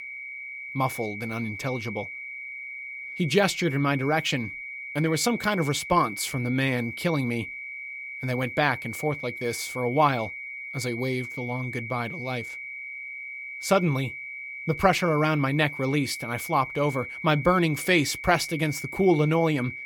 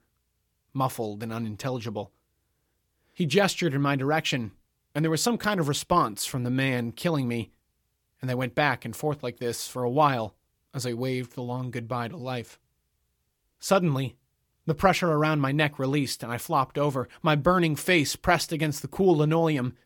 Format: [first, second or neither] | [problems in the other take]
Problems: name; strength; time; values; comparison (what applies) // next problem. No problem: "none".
second | high-pitched whine; loud; throughout; 2.5 kHz, 9 dB below the speech